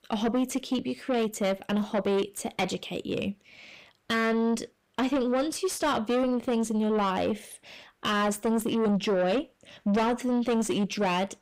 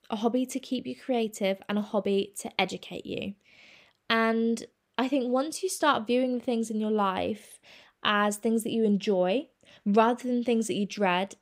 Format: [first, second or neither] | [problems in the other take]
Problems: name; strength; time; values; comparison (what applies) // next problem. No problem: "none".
second | distortion; heavy; 8 dB below the speech